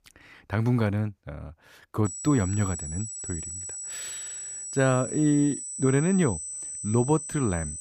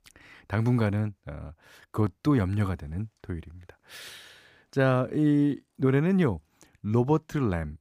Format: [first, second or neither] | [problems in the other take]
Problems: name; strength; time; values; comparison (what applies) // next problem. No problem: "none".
second | high-pitched whine; loud; from 2 s on; 8 kHz, 8 dB below the speech